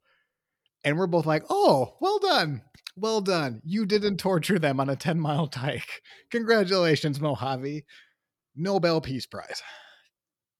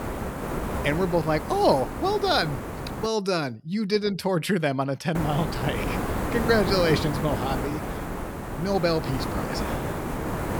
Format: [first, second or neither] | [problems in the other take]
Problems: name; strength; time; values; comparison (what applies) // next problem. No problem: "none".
first | hiss; loud; until 3 s and from 5 s on; 5 dB below the speech